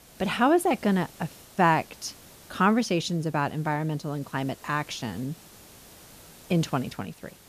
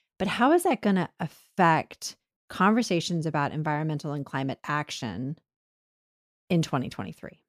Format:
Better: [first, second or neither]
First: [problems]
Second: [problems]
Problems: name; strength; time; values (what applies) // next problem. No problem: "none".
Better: second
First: hiss; faint; throughout; 20 dB below the speech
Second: none